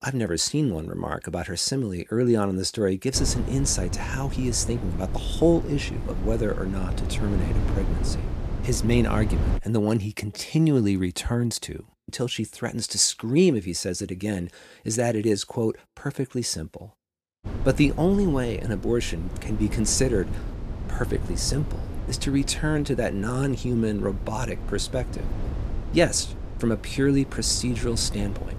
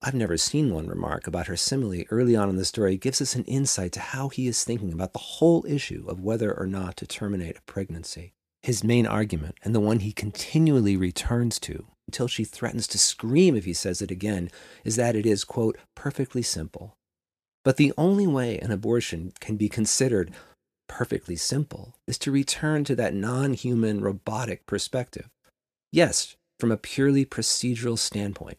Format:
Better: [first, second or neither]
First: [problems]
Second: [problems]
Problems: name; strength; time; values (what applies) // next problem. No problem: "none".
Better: second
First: wind noise on the microphone; occasional gusts; from 3 to 9.5 s and from 17 s on; 15 dB below the speech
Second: none